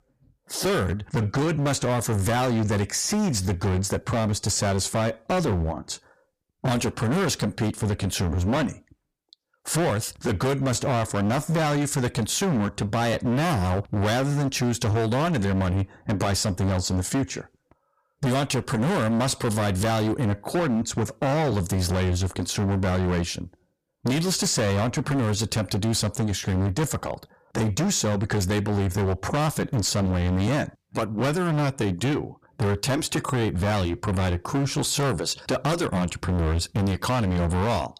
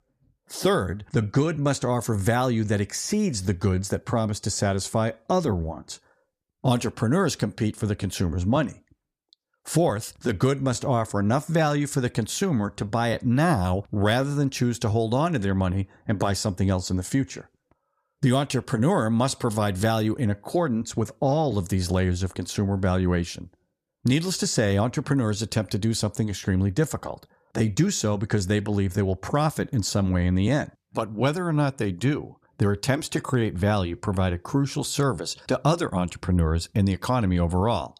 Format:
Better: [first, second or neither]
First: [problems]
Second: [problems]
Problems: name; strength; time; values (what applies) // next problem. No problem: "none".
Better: second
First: distortion; heavy; 26% of the sound clipped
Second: none